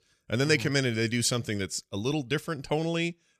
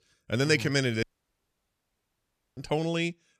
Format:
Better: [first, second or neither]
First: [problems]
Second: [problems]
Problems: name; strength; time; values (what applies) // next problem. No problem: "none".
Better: first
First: none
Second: audio cutting out; at 1 s for 1.5 s